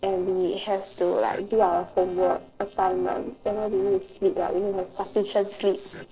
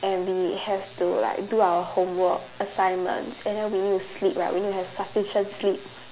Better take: second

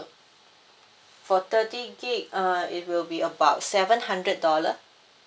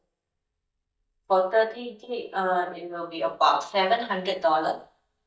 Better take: first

